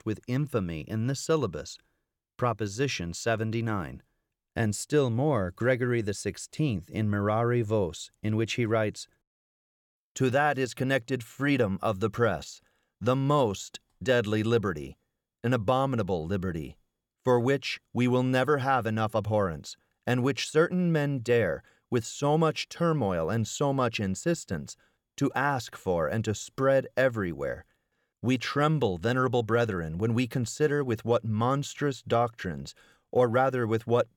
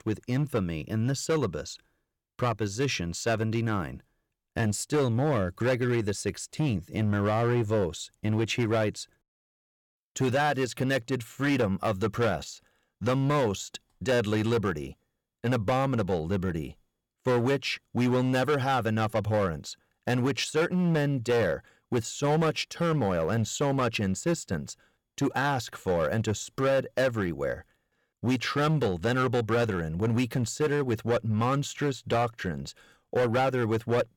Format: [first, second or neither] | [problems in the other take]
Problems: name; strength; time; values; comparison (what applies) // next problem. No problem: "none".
first | distortion; slight; 9% of the sound clipped